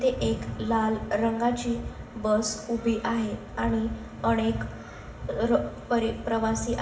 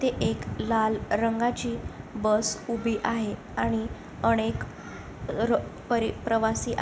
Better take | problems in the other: second | room echo; dies away in 0.7 s

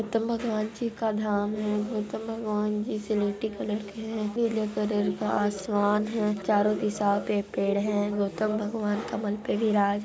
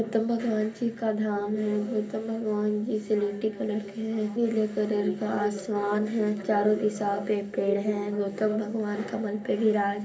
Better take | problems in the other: first | room echo; dies away in 0.3 s

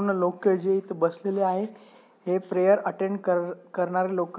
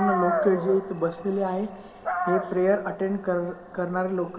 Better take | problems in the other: first | background sound (Dog); 6 dB below the speech // room echo; dies away in 1.6 s

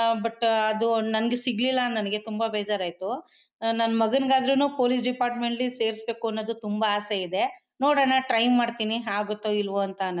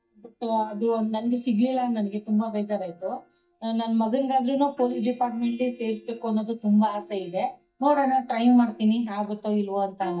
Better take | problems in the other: first | noise reduction (neural mask model DeepFilterNet 3)

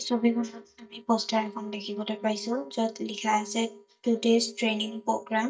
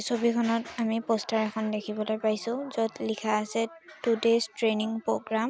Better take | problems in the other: second | noise reduction (neural mask model DeepFilterNet 3)

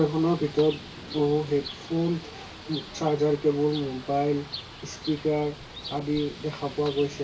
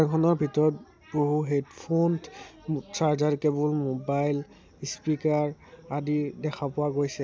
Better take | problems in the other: second | background sound (Bird); 14 dB below the speech // room echo; dies away in 0.2 s

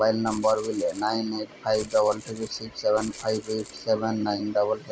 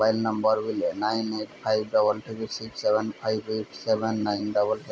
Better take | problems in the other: second | background sound (Rattle (instrument)); 18 dB below the speech

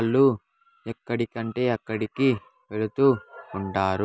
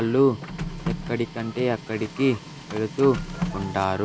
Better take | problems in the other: first | background sound (Printer); 9 dB below the speech

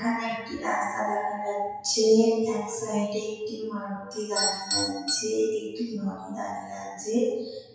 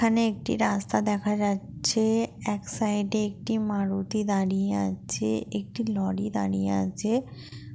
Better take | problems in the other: second | noise reduction (classical method WPE with log-MMSE)

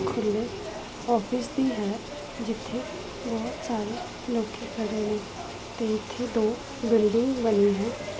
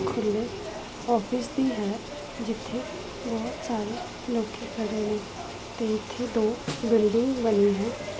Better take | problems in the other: first | background sound (Snare drum); 13 dB below the speech

